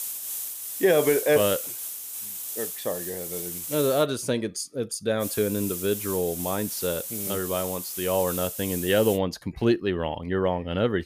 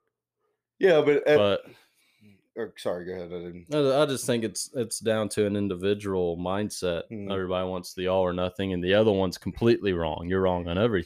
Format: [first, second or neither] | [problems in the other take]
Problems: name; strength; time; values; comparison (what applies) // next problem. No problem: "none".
second | hiss; loud; until 4 s and from 5 to 9 s; 5 dB below the speech